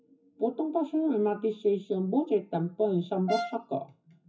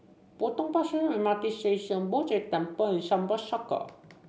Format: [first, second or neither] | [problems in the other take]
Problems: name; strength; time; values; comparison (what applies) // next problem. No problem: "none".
second | noise reduction (classical method WPE with log-MMSE)